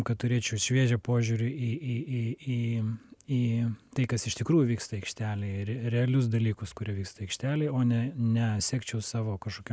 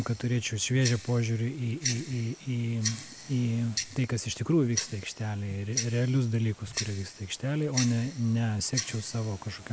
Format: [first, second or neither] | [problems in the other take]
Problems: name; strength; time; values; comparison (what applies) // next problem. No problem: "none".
first | background sound (Tick-tock); 10 dB below the speech